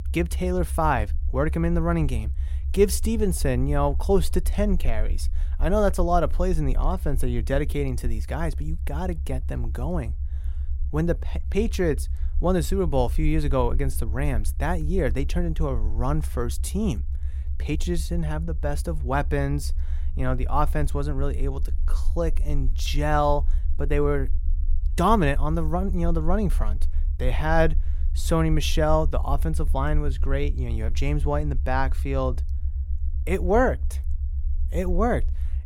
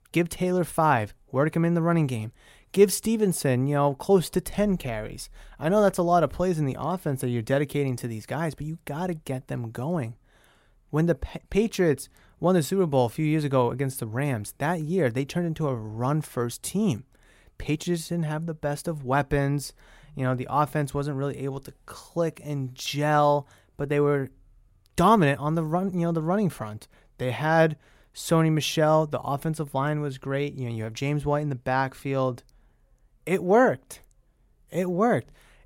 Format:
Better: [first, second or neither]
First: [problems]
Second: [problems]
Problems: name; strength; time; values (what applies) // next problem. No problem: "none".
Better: second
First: low rumble; faint; throughout; 20 dB below the speech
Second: none